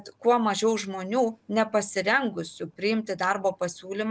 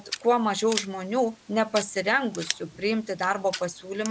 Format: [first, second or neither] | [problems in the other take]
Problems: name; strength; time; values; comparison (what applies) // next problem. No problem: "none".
first | background sound (Scissors); 12 dB below the speech